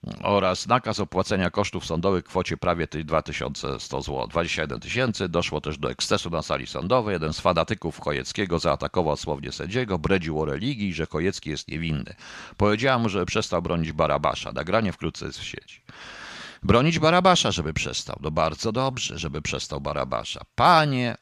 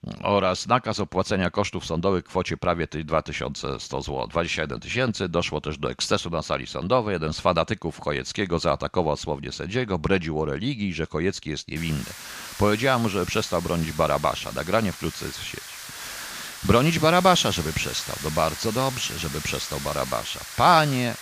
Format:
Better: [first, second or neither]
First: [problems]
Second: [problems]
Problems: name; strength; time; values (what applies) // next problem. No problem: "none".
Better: first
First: none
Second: hiss; noticeable; from 12 s on; 10 dB below the speech